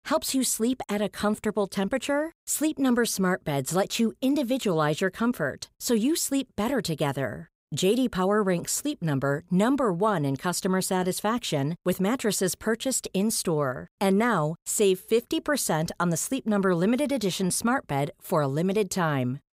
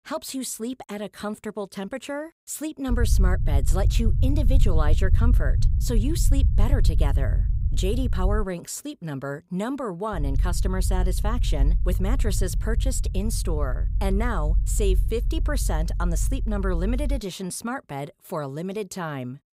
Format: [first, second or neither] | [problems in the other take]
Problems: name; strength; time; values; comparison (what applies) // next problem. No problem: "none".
first | low rumble; noticeable; from 3 to 8.5 s and from 10 to 17 s; 10 dB below the speech